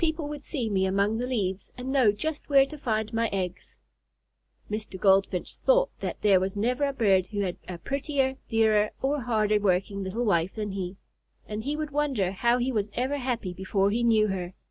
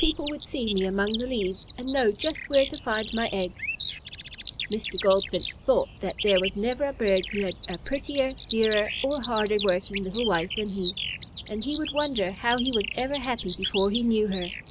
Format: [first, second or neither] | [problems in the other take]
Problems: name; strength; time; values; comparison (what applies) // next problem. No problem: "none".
first | background sound (Bird vocalization, bird call, bird song); 9 dB below the speech